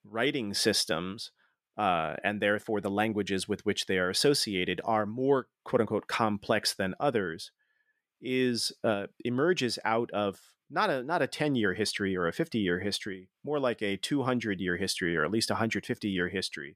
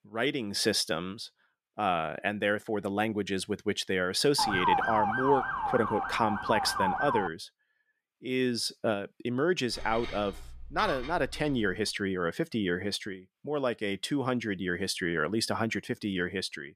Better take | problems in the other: first | siren; loud; from 4.5 to 7.5 s; peak 4 dB above the speech // clattering dishes; noticeable; from 9.5 to 12 s; peak 8 dB below the speech

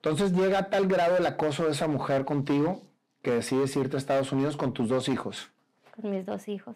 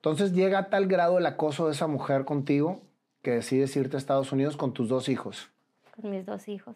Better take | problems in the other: second | distortion; slight; 12% of the sound clipped

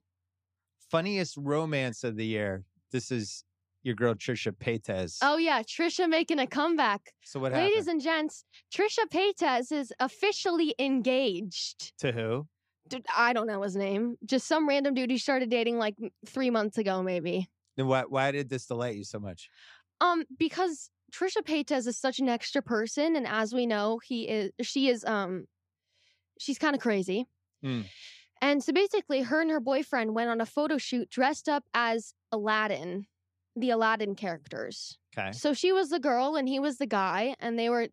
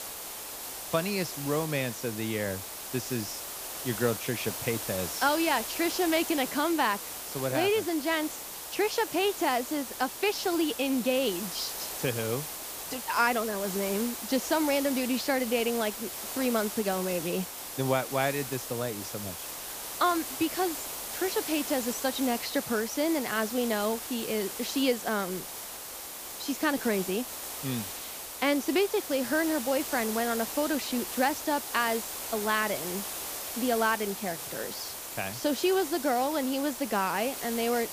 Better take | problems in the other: first | hiss; loud; throughout; 6 dB below the speech

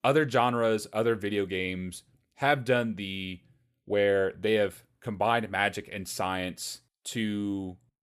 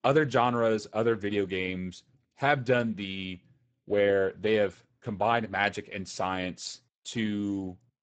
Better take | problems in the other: first | garbled, watery; badly; nothing above 7.5 kHz

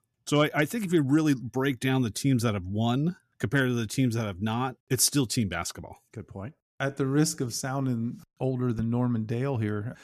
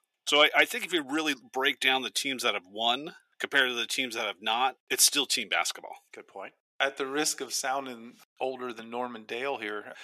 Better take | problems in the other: first | thin; very; fading below 450 Hz

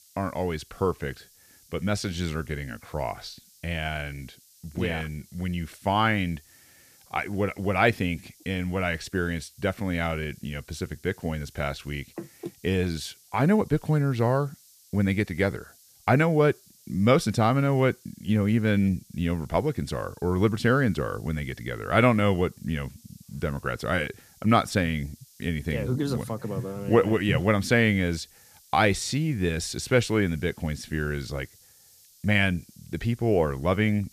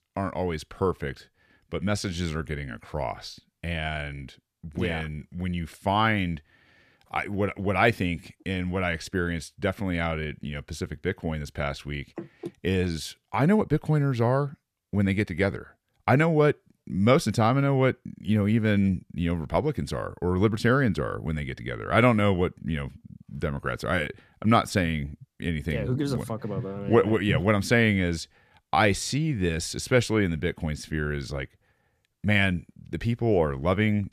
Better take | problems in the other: second | hiss; faint; throughout; 25 dB below the speech

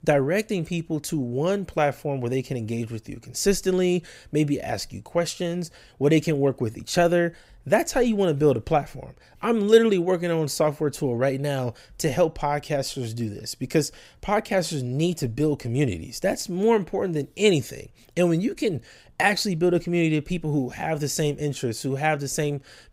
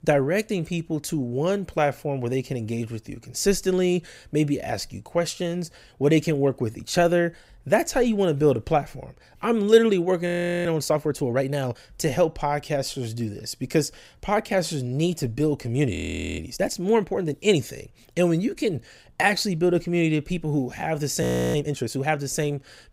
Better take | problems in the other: first | audio freezing; at 10 s, at 16 s and at 21 s

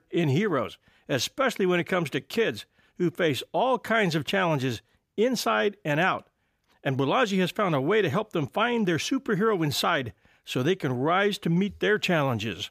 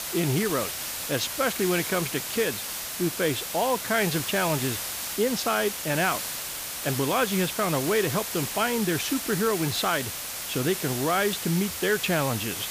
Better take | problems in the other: first | hiss; loud; throughout; 4 dB below the speech

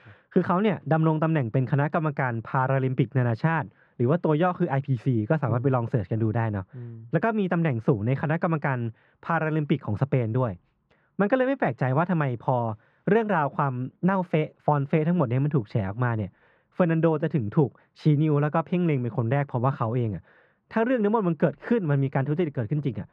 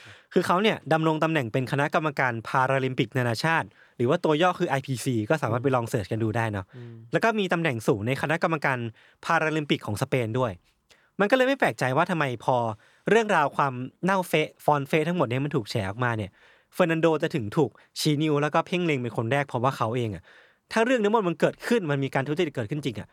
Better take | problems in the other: second | muffled; very; fading above 1.5 kHz

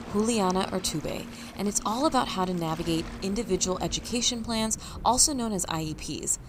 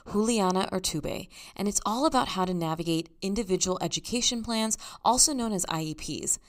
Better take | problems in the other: second | rain or running water; noticeable; throughout; 15 dB below the speech

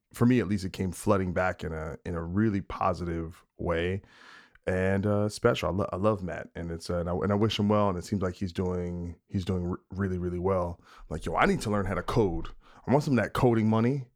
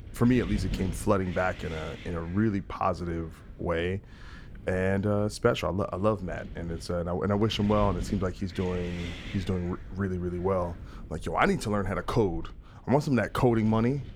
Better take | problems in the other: first | wind noise on the microphone; occasional gusts; 15 dB below the speech

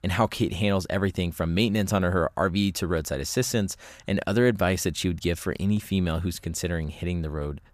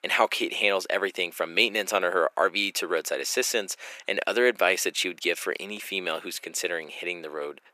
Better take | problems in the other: first | thin; very; fading below 350 Hz

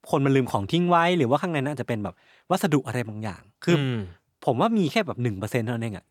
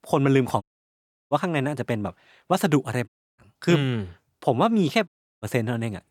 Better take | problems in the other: first | audio cutting out; at 0.5 s for 0.5 s, at 3 s and at 5 s

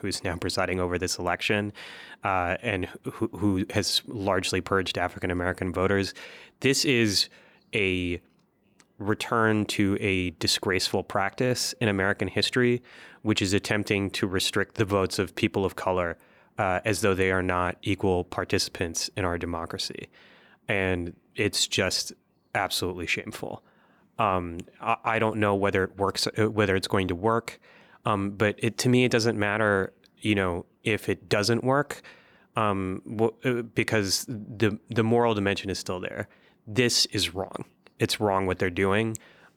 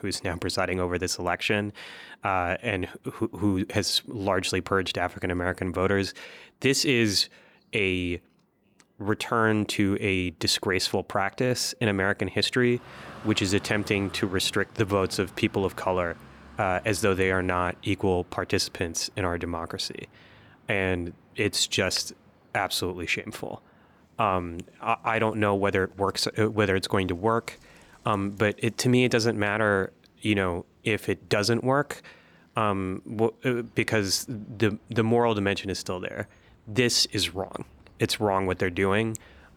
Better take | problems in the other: first | traffic noise; faint; from 13 s on; 25 dB below the speech

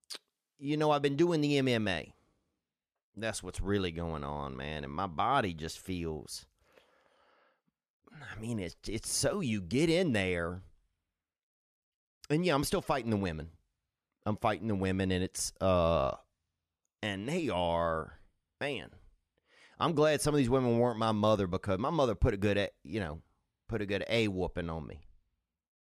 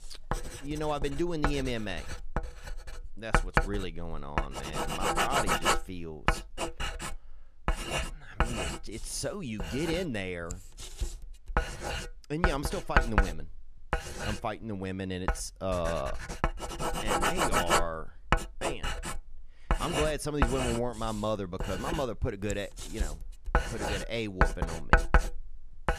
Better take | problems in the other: first | household noises; very loud; throughout; 3 dB above the speech

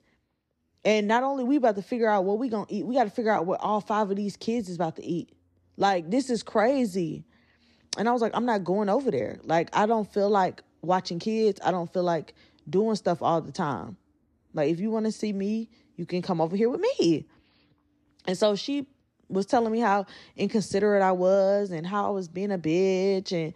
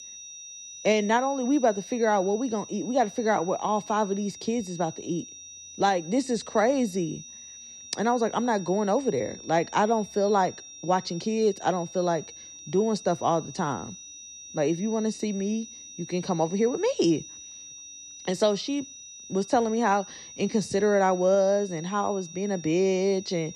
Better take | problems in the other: first | high-pitched whine; noticeable; throughout; 6 kHz, 15 dB below the speech

